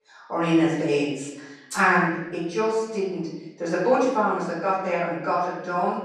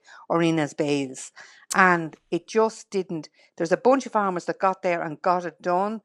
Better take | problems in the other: second | off-mic speech; far // room echo; noticeable; dies away in 0.9 s

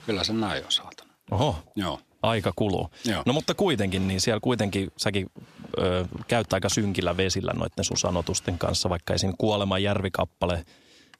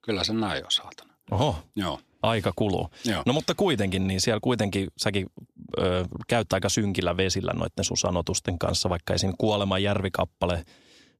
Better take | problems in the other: second | household noises; faint; throughout; 25 dB below the speech

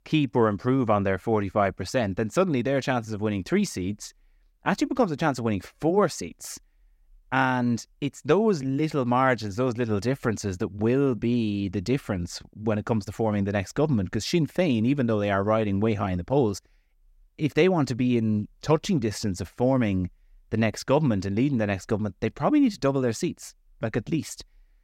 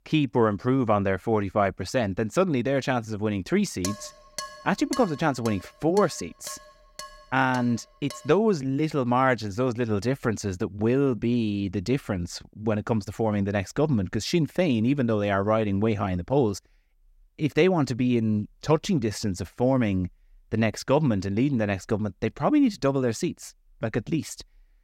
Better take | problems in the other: first | clattering dishes; noticeable; from 4 to 8 s; peak 10 dB below the speech

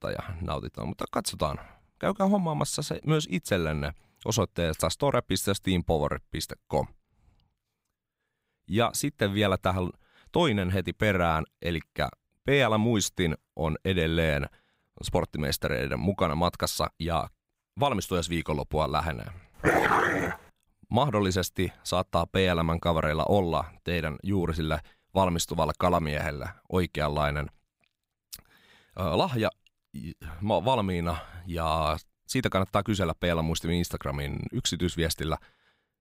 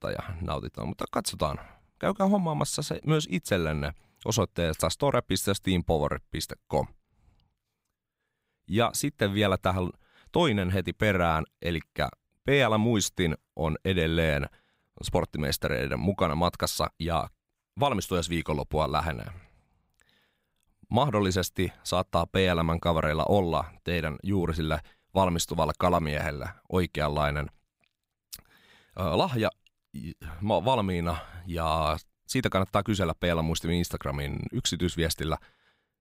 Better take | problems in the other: second | dog barking; loud; at 20 s; peak 6 dB above the speech

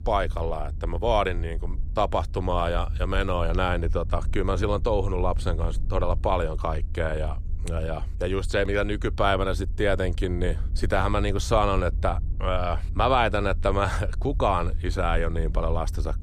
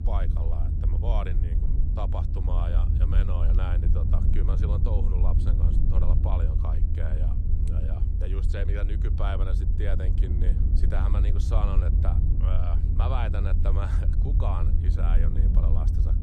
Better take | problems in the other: first | low rumble; loud; throughout; 3 dB below the speech; faint in the first

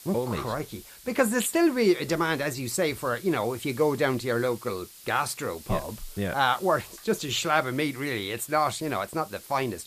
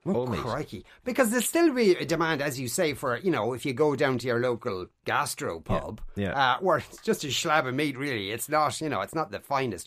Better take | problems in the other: second | hiss; noticeable; throughout; 20 dB below the speech

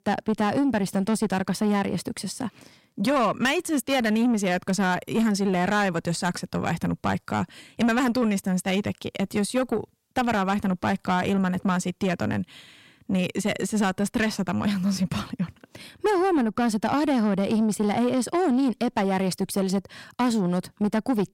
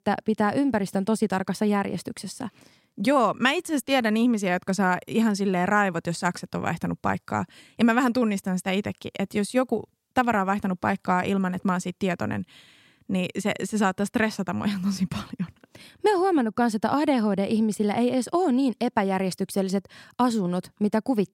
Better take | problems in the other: second | distortion; slight; 10 dB below the speech

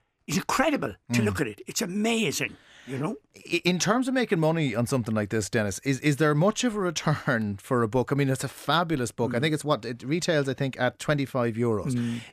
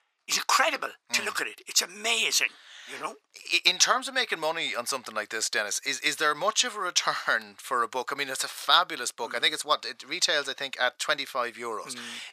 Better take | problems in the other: first | thin; very; fading below 850 Hz

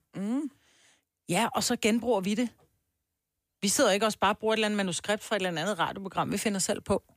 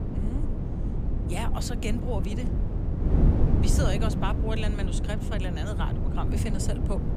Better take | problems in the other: first | wind noise on the microphone; heavy; 3 dB below the speech

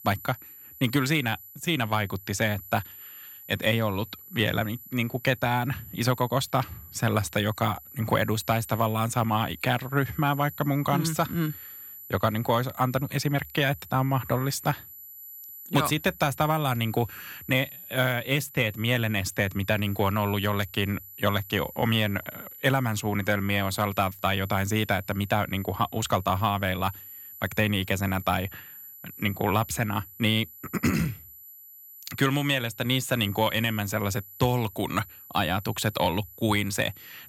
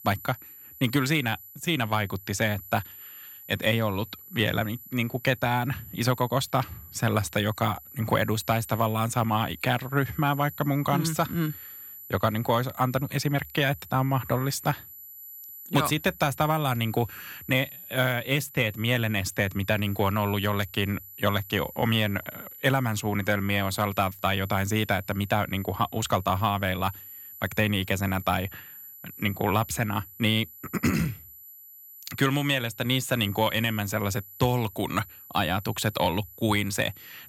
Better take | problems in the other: neither | high-pitched whine; noticeable; throughout; 12 kHz, 15 dB below the speech; the same in both

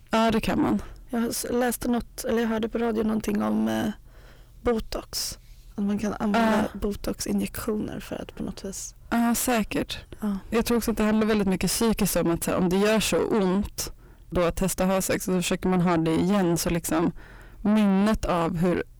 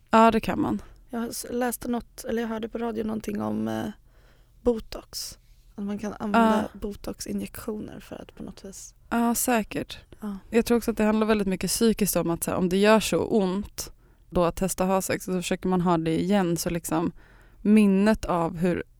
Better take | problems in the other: second | distortion; heavy; 5 dB below the speech

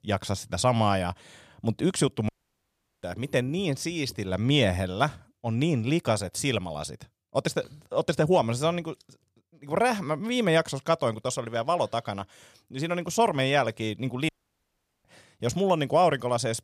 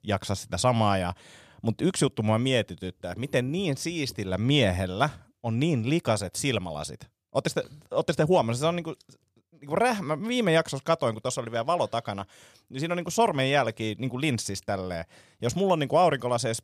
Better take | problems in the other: second | audio cutting out; at 2.5 s for 0.5 s and at 14 s for 1 s

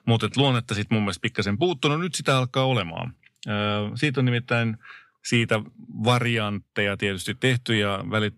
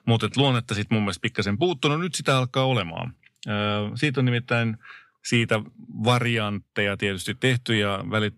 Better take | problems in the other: neither | none

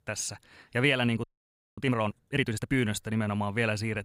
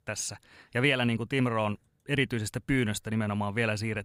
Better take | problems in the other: second | audio freezing; at 1 s for 0.5 s

